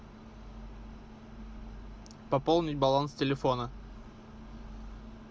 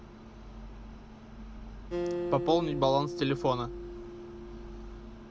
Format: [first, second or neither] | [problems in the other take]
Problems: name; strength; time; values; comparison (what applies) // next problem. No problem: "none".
first | background sound (Acoustic guitar); 6 dB below the speech